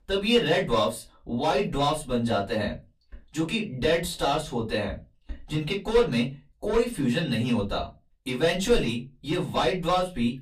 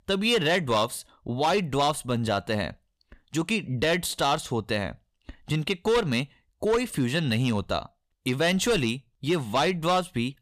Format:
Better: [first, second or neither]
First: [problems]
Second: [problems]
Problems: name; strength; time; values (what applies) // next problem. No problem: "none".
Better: second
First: off-mic speech; far // room echo; very slight; dies away in 0.2 s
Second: none